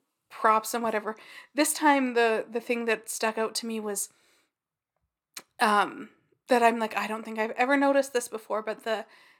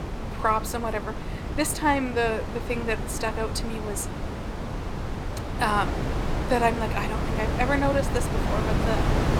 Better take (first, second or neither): first